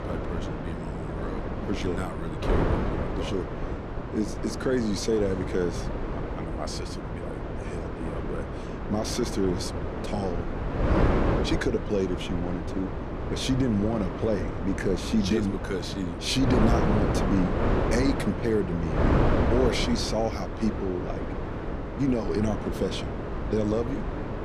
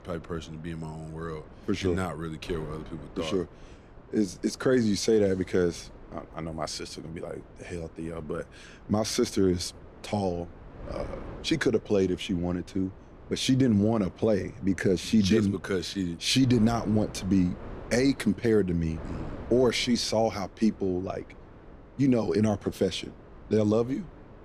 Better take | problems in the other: second | wind noise on the microphone; heavy; 1 dB below the speech; occasional gusts in the second

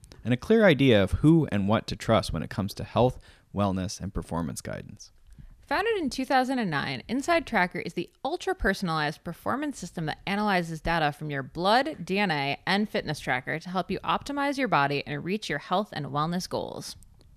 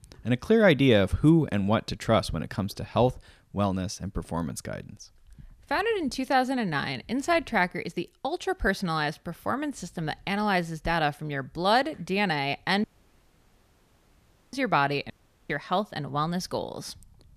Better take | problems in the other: first | audio cutting out; at 13 s for 1.5 s and at 15 s

